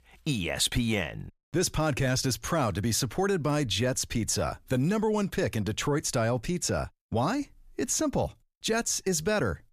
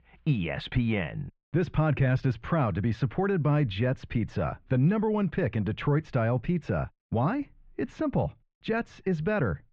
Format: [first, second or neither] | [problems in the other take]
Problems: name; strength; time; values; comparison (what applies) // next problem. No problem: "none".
first | muffled; very; fading above 2.5 kHz